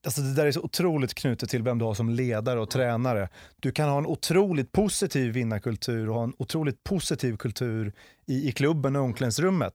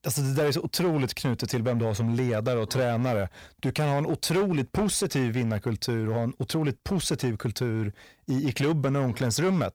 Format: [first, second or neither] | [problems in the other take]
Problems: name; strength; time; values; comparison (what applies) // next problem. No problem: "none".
first | distortion; slight; 11% of the sound clipped